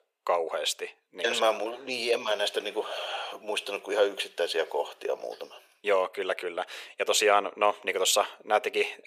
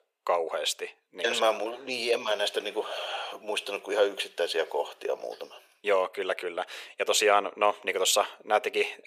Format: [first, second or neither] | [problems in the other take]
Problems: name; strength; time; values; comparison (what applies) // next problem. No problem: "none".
neither | thin; very; fading below 450 Hz; the same in both